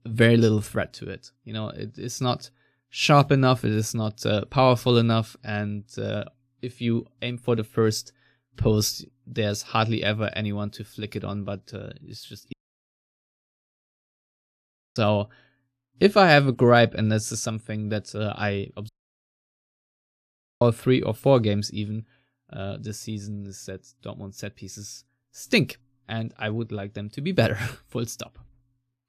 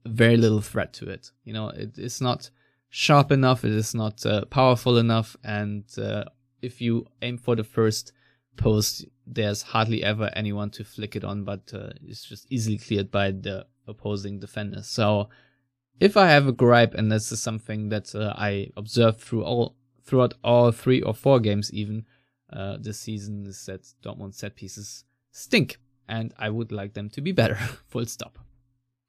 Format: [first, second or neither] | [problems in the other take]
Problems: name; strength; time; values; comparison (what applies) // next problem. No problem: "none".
second | audio cutting out; at 13 s for 2.5 s and at 19 s for 1.5 s